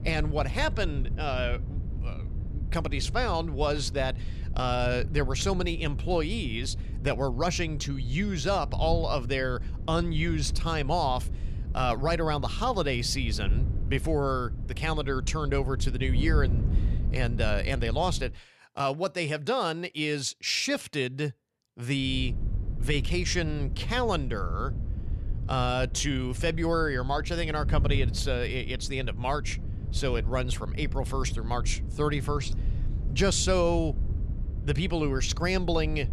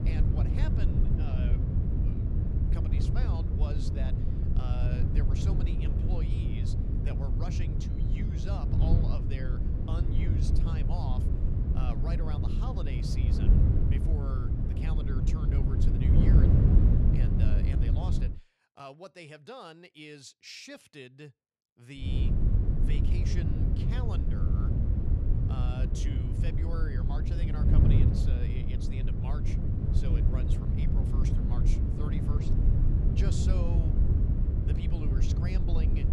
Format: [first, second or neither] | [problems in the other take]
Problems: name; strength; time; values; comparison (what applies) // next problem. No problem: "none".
first | wind noise on the microphone; heavy; until 18 s and from 22 s on; 4 dB above the speech; occasional gusts in the first